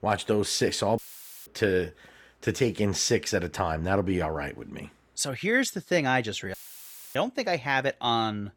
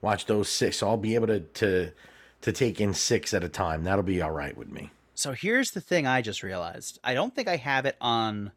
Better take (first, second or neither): second